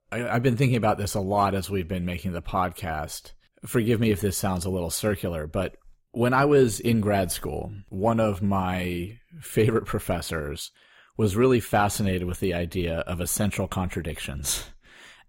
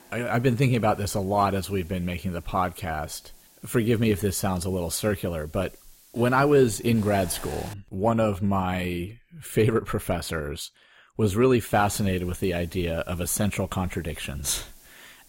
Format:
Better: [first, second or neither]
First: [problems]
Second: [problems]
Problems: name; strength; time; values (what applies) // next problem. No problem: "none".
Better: first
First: none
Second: hiss; faint; until 7.5 s and from 12 s on; 25 dB below the speech